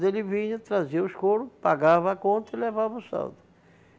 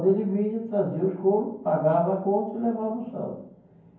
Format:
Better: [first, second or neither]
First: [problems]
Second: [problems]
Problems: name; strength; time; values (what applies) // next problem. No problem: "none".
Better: first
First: none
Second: room echo; dies away in 0.9 s